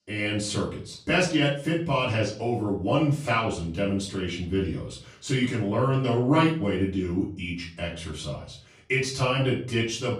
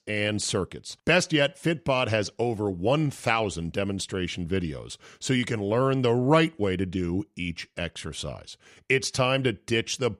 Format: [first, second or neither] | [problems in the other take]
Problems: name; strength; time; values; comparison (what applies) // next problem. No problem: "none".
second | off-mic speech; far // room echo; slight; dies away in 0.4 s